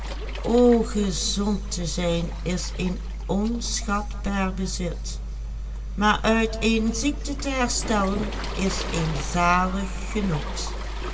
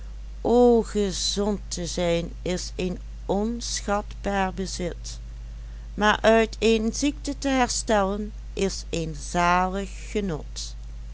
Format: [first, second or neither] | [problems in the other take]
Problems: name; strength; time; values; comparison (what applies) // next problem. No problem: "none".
second | background sound (Waves, surf); 15 dB below the speech // room echo; dies away in 2 s